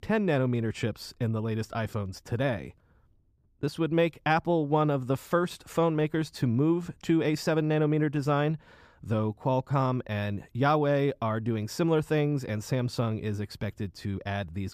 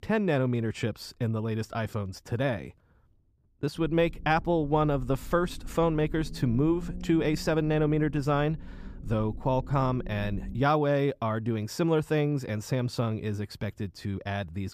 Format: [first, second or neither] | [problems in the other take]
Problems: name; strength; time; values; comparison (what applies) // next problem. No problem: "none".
first | low rumble; faint; from 4 to 11 s; 20 dB below the speech